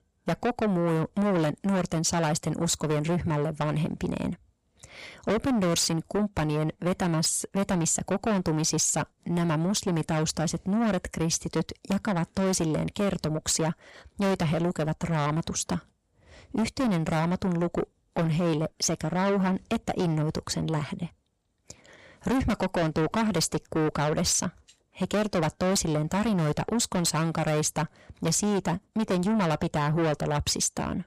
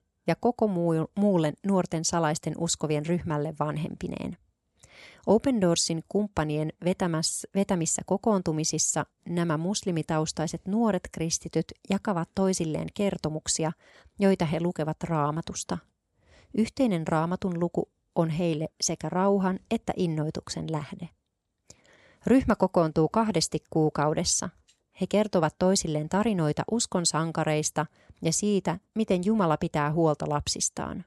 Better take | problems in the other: second | distortion; heavy; 6 dB below the speech

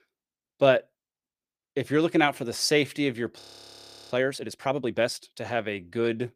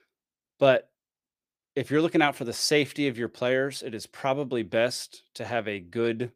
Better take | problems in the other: second | audio freezing; at 3.5 s for 0.5 s

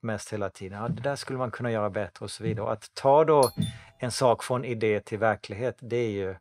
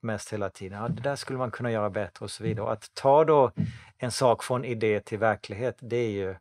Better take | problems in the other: second | doorbell; noticeable; at 3.5 s; peak 8 dB below the speech

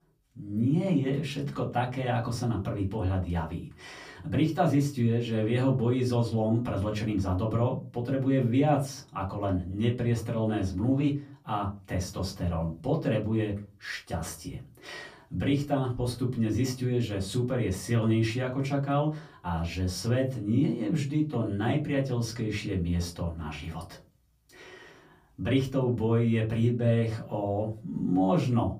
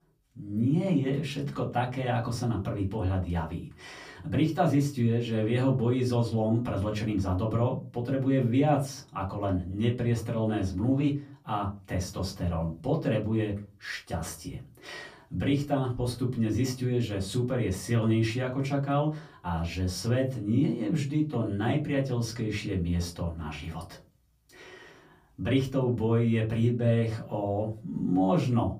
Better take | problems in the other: neither | off-mic speech; far; the same in both // room echo; very slight; dies away in 0.3 s; the same in both

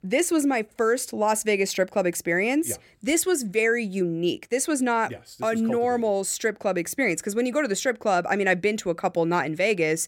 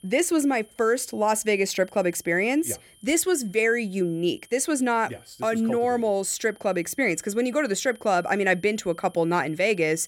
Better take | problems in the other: first | high-pitched whine; faint; throughout; 3 kHz, 30 dB below the speech

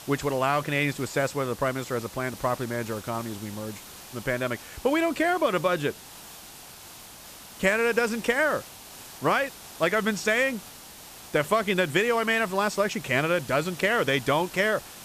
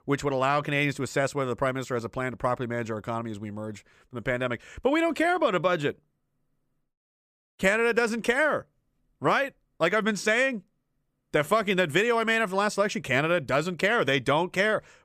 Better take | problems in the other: second | hiss; noticeable; throughout; 15 dB below the speech

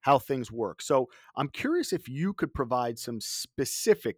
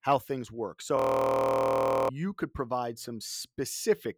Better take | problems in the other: first | audio freezing; at 1 s for 1 s

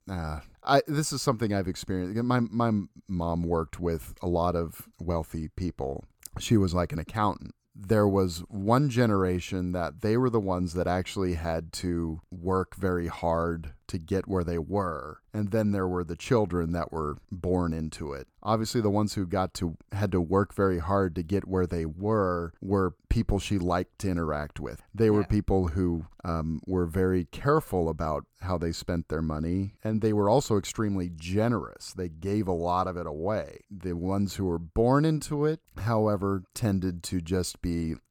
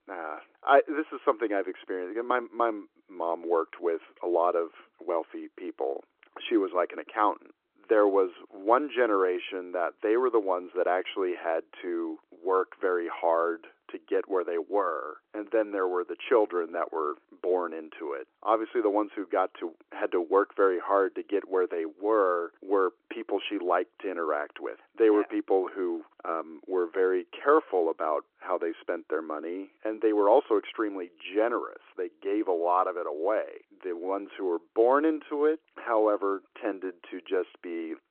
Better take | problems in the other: first | phone-call audio

